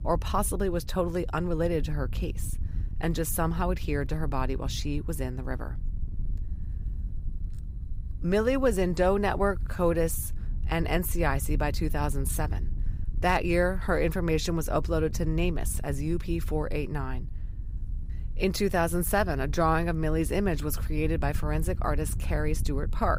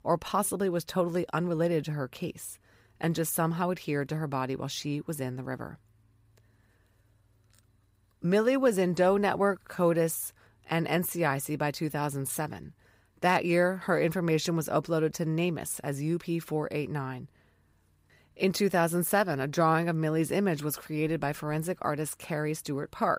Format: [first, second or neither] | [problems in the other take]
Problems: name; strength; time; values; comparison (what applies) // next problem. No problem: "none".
second | wind noise on the microphone; occasional gusts; 20 dB below the speech